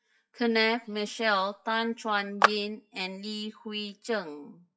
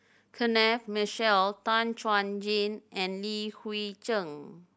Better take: second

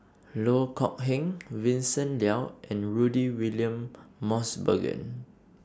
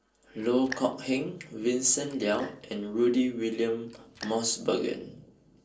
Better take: first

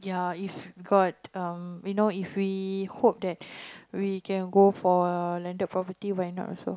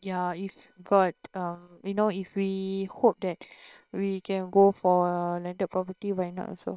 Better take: first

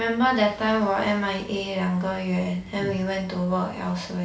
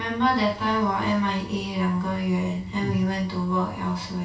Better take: first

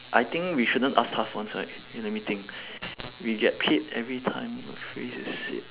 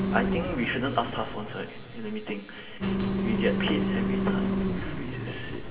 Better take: first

